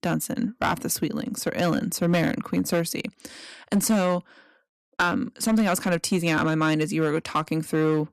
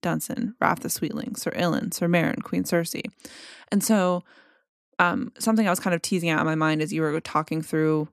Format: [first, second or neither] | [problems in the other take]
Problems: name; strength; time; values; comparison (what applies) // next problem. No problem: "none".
second | distortion; slight; 4% of the sound clipped